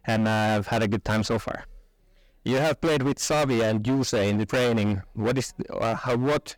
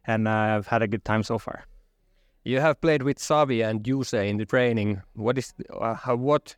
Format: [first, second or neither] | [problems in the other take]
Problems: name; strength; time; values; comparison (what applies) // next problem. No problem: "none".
second | distortion; heavy; 23% of the sound clipped